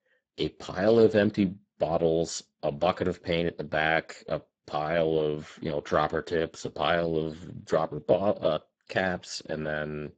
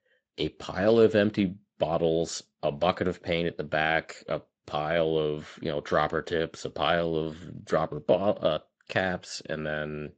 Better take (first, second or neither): second